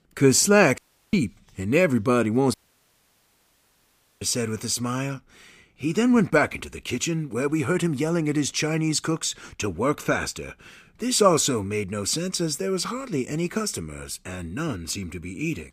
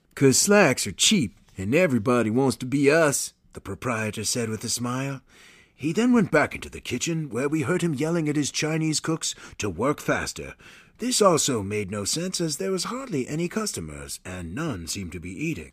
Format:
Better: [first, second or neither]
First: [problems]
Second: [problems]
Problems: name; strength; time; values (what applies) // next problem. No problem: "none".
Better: second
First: audio cutting out; at 1 s and at 2.5 s for 1.5 s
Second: none